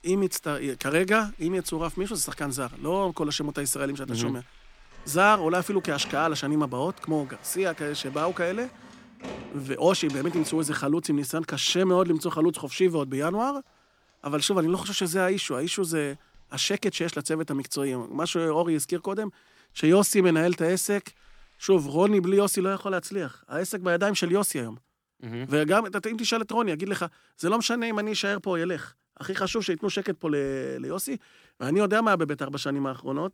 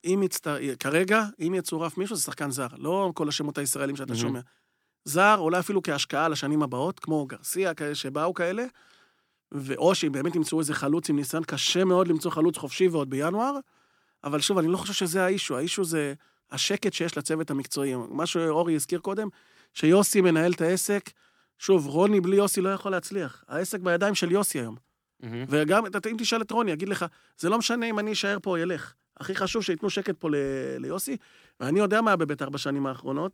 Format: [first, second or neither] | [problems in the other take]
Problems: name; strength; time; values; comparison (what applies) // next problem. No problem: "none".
second | household noises; faint; until 22 s; 20 dB below the speech